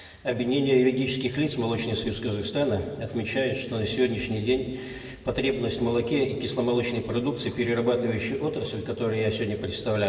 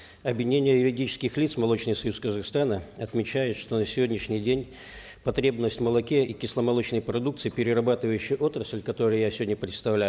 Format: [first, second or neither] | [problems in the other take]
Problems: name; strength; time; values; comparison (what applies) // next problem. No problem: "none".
second | room echo; dies away in 1.9 s